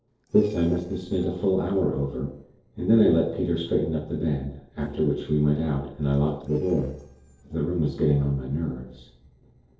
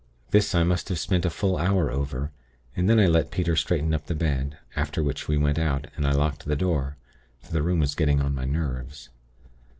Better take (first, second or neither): second